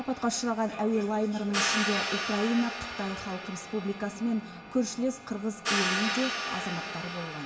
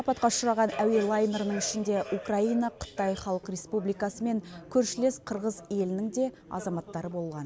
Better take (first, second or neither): second